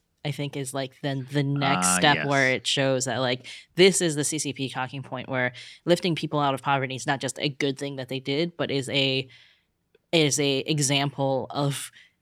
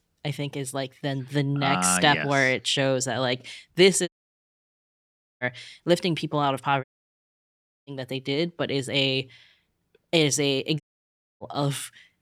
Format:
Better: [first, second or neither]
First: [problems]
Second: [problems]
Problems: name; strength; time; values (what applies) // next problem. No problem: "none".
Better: first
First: none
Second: audio cutting out; at 4 s for 1.5 s, at 7 s for 1 s and at 11 s for 0.5 s